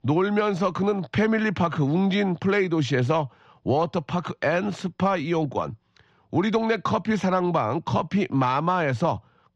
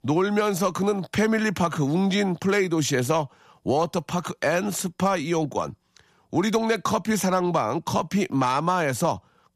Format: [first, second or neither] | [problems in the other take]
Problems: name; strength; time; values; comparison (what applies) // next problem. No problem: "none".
second | muffled; slightly; fading above 4 kHz